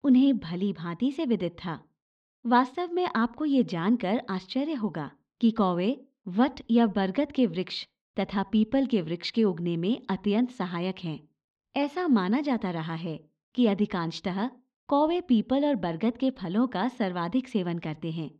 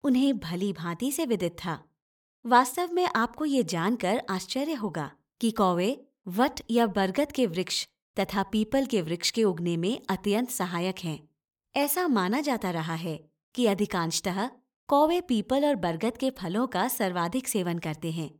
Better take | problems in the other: second | muffled; very slightly; fading above 4 kHz

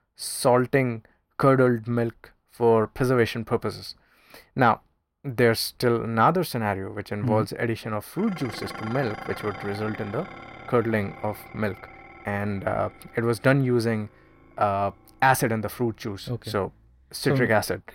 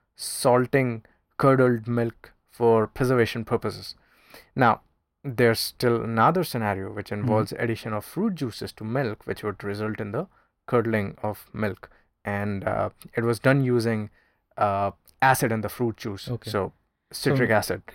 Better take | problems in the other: second | clattering dishes; faint; from 8 to 16 s; peak 10 dB below the speech

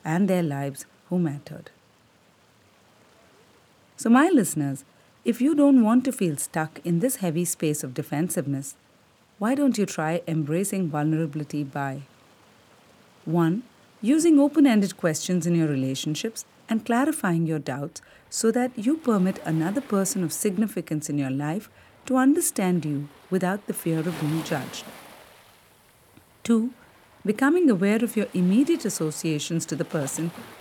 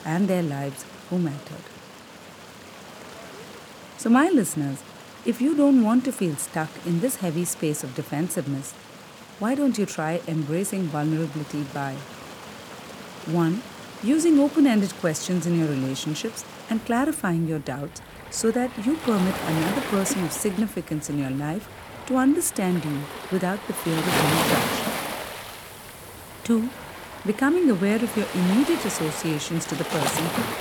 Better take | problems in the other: first | rain or running water; loud; throughout; 9 dB below the speech; faint in the first

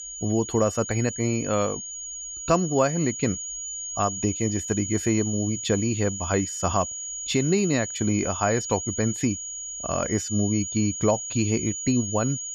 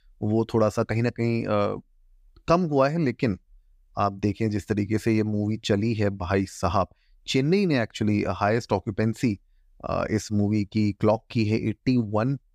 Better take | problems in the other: second | high-pitched whine; loud; throughout; 7 kHz, 5 dB below the speech

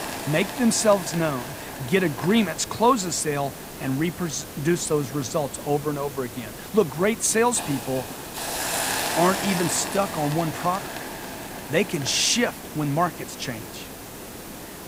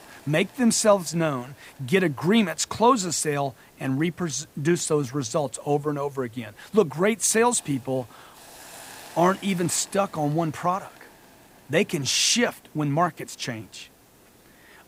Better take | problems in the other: second | hiss; loud; throughout; 8 dB below the speech; faint in the second

